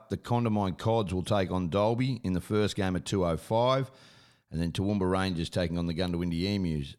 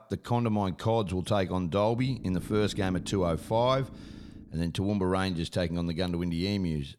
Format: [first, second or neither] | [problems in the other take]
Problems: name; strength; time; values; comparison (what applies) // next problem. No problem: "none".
first | low rumble; noticeable; from 2 to 4.5 s; 20 dB below the speech